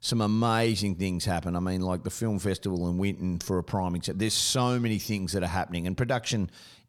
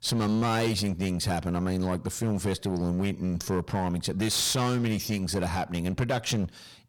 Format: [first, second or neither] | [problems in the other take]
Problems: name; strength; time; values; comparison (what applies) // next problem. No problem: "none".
first | distortion; slight; 13% of the sound clipped